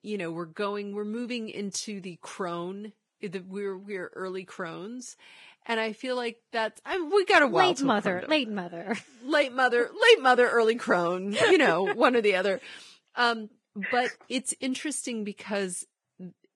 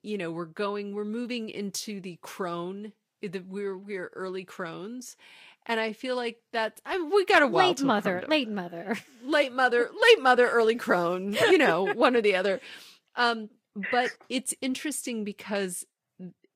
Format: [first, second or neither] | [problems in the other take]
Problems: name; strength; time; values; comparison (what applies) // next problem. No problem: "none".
second | garbled, watery; badly; nothing above 10 kHz; slightly in the second